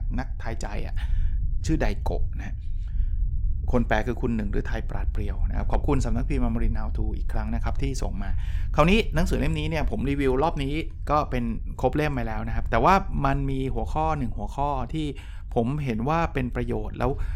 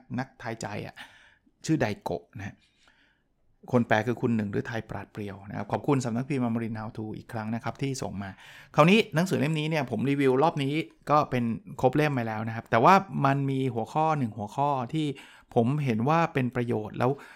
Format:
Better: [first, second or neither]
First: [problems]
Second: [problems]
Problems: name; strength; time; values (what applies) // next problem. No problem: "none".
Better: second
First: low rumble; faint; throughout; 25 dB below the speech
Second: none